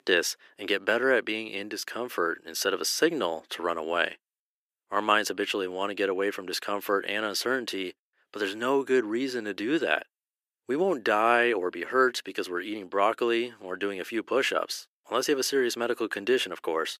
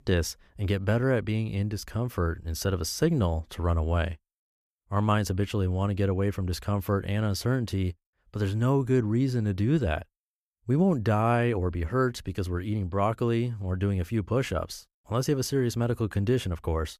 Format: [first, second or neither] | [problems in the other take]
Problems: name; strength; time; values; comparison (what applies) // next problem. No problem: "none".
second | thin; very; fading below 350 Hz